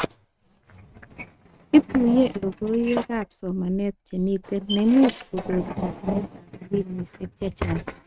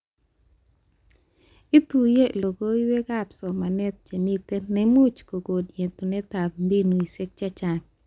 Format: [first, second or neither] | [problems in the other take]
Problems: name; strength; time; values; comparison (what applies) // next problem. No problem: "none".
second | noise reduction (neural mask model RNNoise)